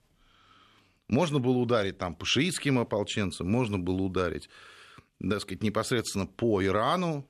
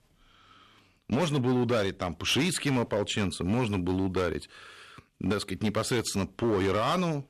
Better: first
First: none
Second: distortion; slight; 10% of the sound clipped

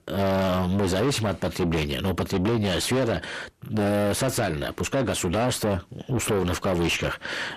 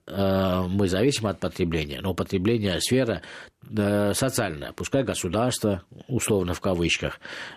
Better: second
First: distortion; heavy; 7 dB below the speech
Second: none

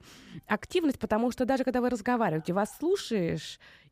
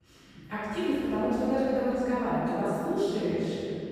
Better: first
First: none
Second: off-mic speech; far // room echo; strong; dies away in 2.8 s

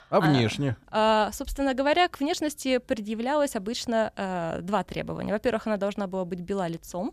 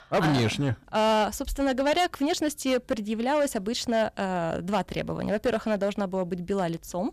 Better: first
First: none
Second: distortion; slight; 8% of the sound clipped

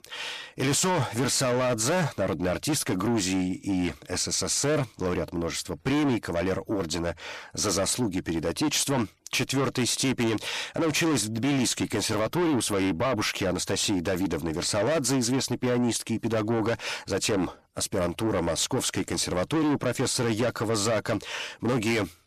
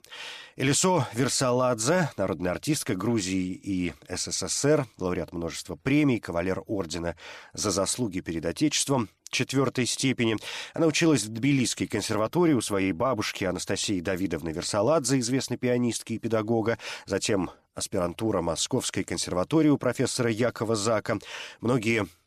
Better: second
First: distortion; heavy; 7 dB below the speech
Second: none

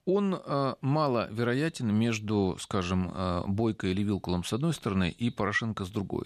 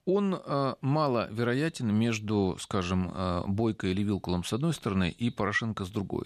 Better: neither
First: none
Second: none

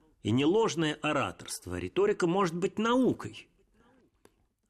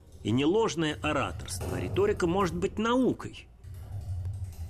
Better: first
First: none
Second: keyboard typing; noticeable; peak 7 dB below the speech

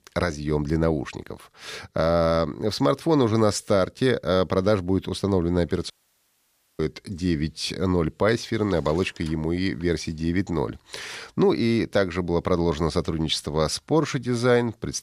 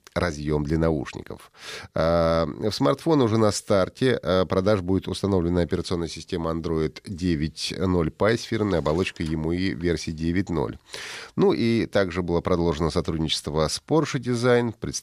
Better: second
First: audio cutting out; at 6 s for 1 s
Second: none

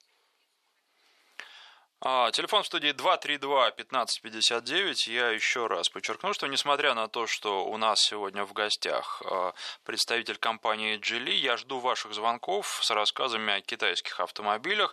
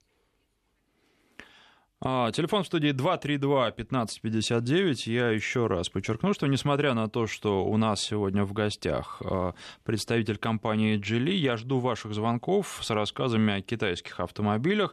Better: second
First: thin; very; fading below 750 Hz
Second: none

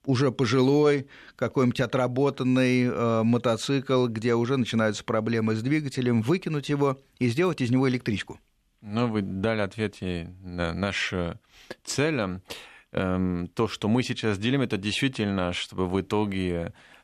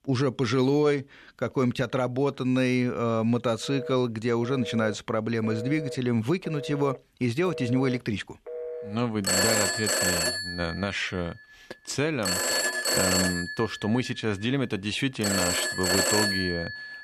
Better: first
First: none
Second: alarms or sirens; very loud; from 3.5 s on; 1 dB above the speech

